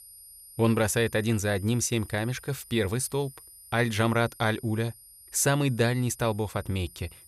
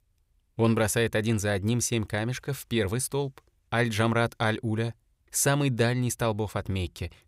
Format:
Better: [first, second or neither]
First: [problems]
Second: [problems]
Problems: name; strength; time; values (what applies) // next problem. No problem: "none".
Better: second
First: high-pitched whine; faint; throughout; 9.5 kHz, 20 dB below the speech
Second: none